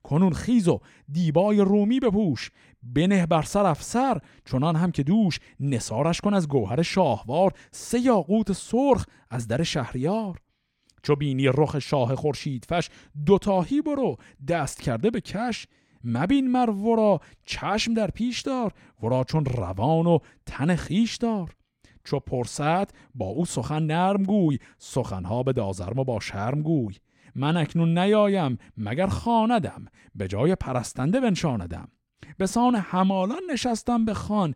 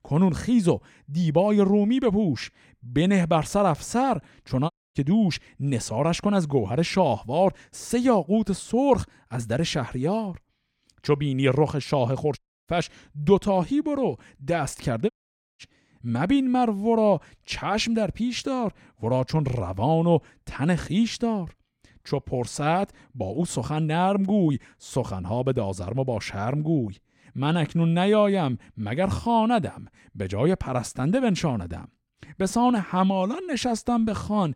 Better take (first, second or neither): first